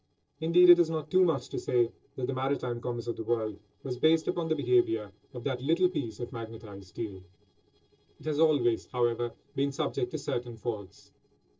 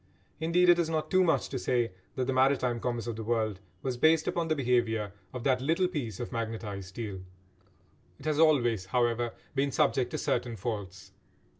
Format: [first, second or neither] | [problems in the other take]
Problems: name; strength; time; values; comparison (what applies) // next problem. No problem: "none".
second | noise reduction (neural separator model SepFormer DNS4)